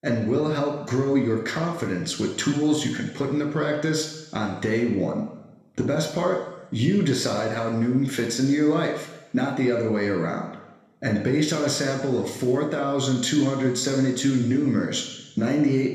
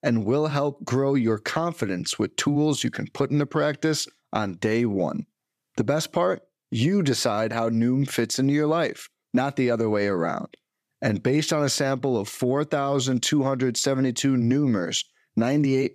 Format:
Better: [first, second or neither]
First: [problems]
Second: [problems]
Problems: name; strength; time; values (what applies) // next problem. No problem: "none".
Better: second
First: room echo; slight; dies away in 1 s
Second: none